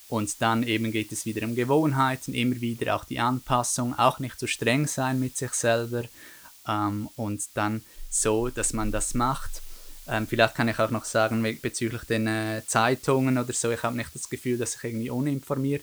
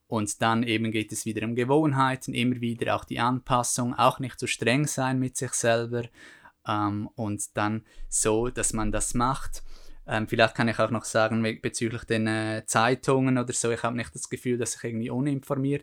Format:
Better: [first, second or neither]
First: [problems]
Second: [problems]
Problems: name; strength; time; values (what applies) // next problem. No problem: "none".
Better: second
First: hiss; faint; throughout; 20 dB below the speech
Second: none